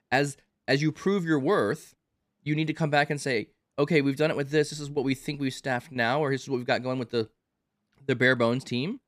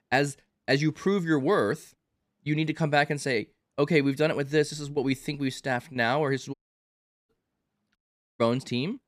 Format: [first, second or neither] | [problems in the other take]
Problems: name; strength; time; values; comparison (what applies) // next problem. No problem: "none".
first | audio cutting out; at 6.5 s for 0.5 s and at 8 s